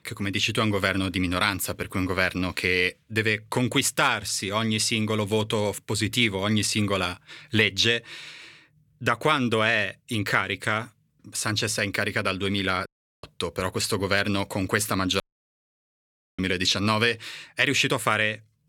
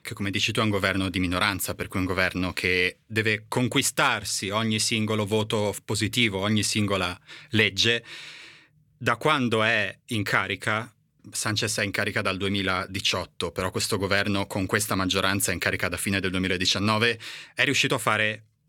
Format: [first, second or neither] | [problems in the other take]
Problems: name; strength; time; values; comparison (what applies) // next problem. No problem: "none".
second | audio cutting out; at 13 s and at 15 s for 1 s